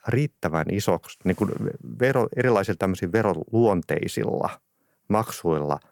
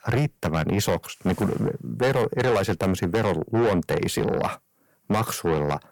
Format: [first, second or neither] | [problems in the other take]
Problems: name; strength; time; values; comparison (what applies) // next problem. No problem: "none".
first | distortion; heavy; 6 dB below the speech